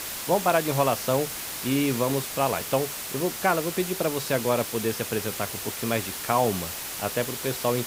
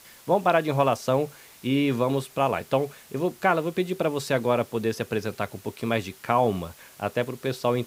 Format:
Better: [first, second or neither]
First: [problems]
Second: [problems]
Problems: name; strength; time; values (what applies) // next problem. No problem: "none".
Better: second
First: hiss; loud; throughout; 5 dB below the speech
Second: hiss; faint; throughout; 25 dB below the speech